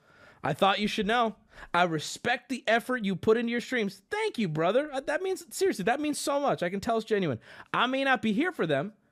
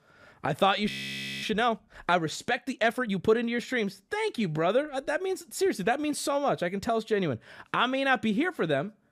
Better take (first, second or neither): first